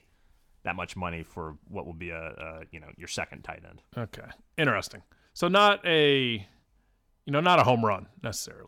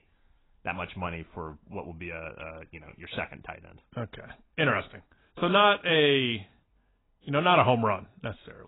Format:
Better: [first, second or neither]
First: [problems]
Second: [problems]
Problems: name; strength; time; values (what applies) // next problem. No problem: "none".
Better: first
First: none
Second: garbled, watery; badly; nothing above 3.5 kHz